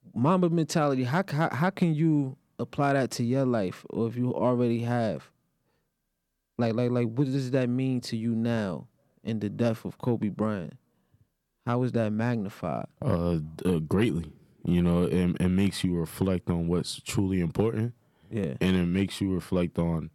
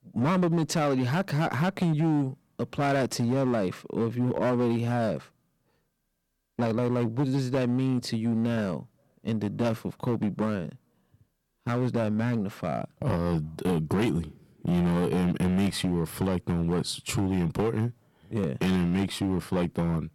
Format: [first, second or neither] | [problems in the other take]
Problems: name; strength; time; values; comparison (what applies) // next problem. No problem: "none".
first | distortion; slight; 11% of the sound clipped